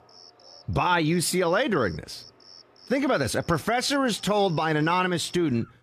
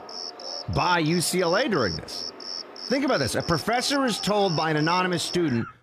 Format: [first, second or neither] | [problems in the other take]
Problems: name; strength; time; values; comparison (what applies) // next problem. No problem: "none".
first | animal sounds; loud; throughout; 9 dB below the speech; faint in the first